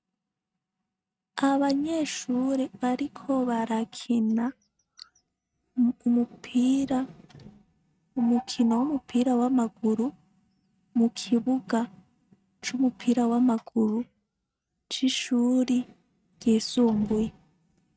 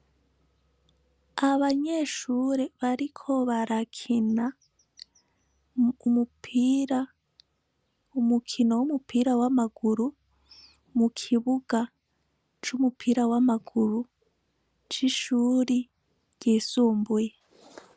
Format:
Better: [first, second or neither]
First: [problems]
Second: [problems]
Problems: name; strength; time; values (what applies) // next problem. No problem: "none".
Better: second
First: noise reduction (neural mask model RNNoise)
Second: none